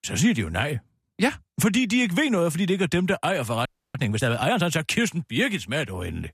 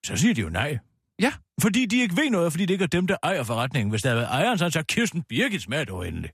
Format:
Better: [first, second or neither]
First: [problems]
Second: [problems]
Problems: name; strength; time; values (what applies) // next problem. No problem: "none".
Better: second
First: audio freezing; at 3.5 s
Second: none